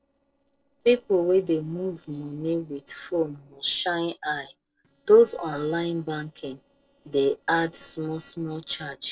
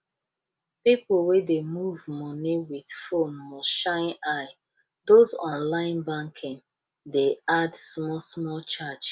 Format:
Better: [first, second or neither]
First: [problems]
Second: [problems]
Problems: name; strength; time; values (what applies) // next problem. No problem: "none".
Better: second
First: noise reduction (neural separator model SepFormer DNS4)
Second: none